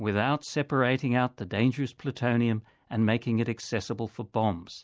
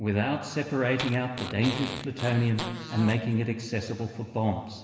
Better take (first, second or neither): first